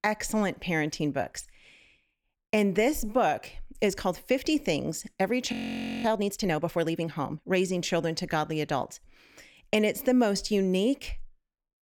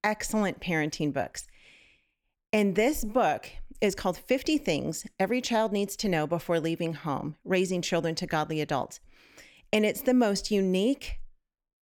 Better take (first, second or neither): second